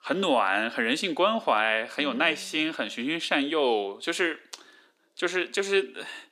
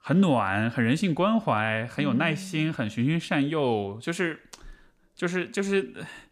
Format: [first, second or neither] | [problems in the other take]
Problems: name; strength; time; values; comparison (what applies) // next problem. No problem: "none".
second | thin; somewhat; fading below 300 Hz